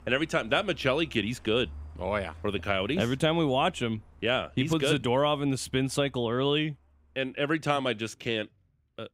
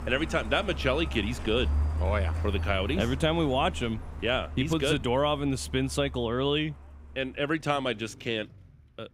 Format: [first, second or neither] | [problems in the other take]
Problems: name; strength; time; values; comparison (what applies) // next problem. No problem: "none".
first | traffic noise; loud; throughout; 7 dB below the speech; faint in the first